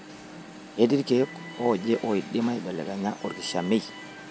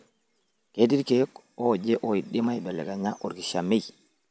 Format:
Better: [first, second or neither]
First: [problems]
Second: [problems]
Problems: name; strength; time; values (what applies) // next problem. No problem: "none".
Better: second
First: background sound (Alarm); 15 dB below the speech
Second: none